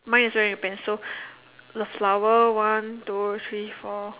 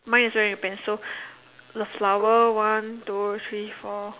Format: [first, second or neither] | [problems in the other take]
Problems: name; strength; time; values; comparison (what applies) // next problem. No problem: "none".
first | background sound (Marimba, xylophone); 15 dB below the speech